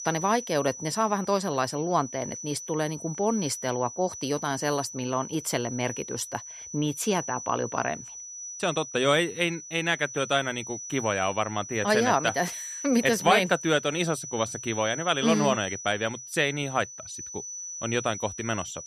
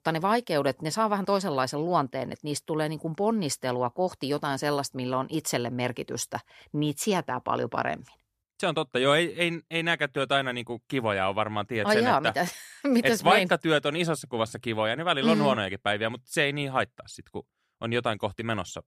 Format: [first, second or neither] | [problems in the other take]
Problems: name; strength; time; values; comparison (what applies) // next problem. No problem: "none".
second | high-pitched whine; loud; throughout; 6 kHz, 10 dB below the speech